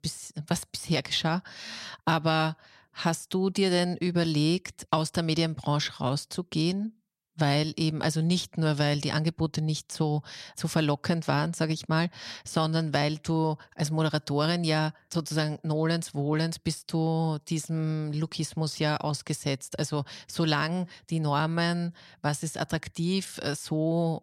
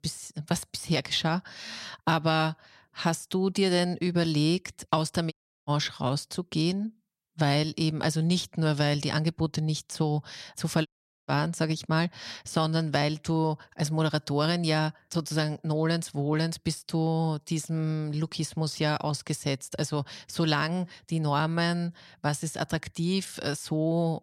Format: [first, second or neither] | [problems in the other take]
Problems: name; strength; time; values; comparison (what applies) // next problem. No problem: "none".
first | audio cutting out; at 5.5 s and at 11 s